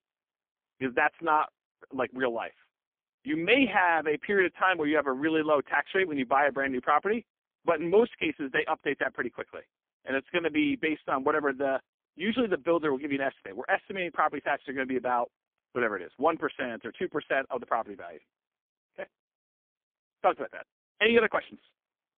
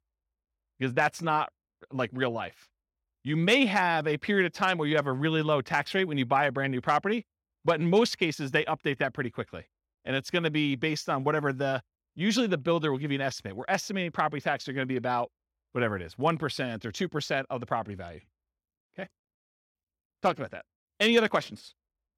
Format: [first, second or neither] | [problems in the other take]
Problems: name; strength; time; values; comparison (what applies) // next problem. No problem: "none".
second | phone-call audio; poor line; nothing above 3.5 kHz